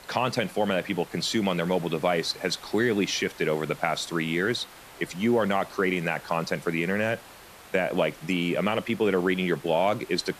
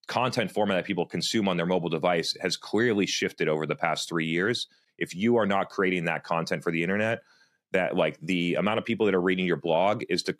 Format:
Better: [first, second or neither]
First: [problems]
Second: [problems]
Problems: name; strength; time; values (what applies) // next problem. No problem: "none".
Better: second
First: hiss; noticeable; throughout; 20 dB below the speech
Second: none